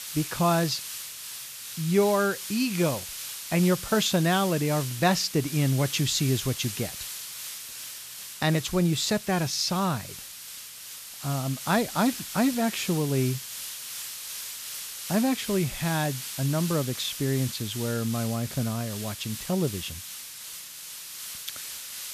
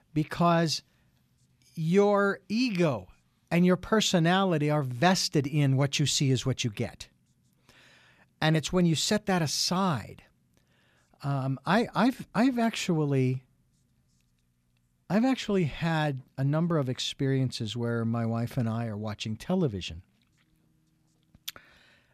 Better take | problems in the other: second | hiss; loud; throughout; 8 dB below the speech

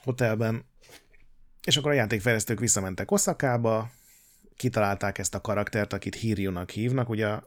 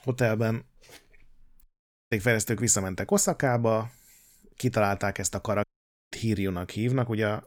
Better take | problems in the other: first | audio cutting out; at 1.5 s and at 5.5 s

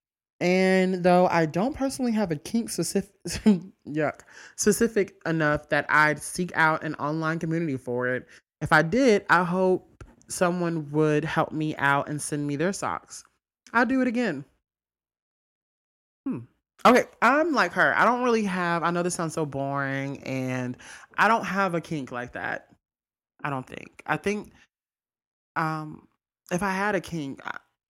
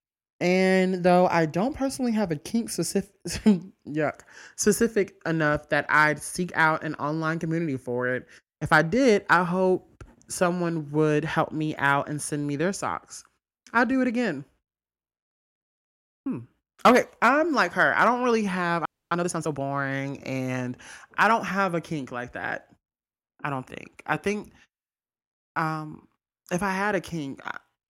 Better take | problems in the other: first | audio freezing; at 19 s

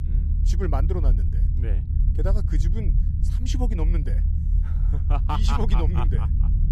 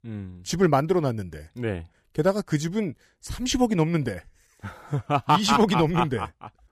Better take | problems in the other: second | low rumble; loud; throughout; 8 dB below the speech

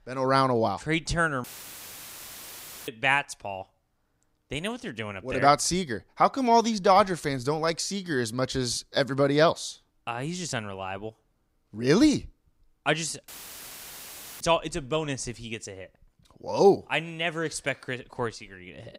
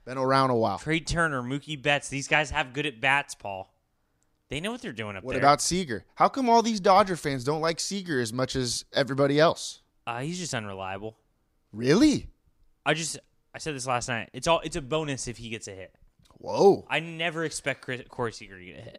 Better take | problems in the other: second | audio cutting out; filled with static; at 1.5 s for 1.5 s and at 13 s for 1 s

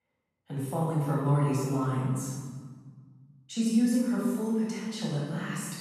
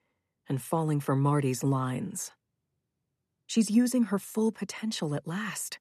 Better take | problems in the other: second | room echo; strong; dies away in 1.5 s // off-mic speech; far

